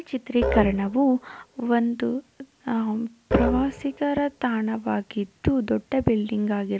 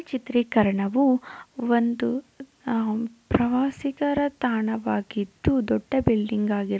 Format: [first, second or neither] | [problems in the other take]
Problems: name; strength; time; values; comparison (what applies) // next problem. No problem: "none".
second | background sound (Musical instrument); 8 dB below the speech